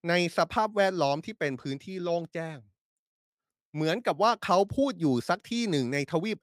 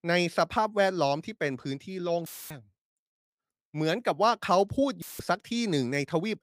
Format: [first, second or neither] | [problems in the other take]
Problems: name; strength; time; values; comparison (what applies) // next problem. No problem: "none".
first | audio cutting out; filled with static; at 2.5 s and at 5 s